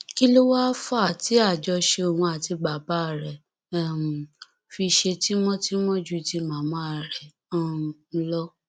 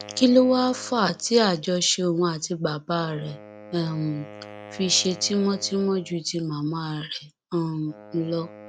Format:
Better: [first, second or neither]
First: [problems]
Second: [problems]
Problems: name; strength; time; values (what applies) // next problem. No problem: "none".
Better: first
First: none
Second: background sound (Wind instrument, woodwind instrument); 20 dB below the speech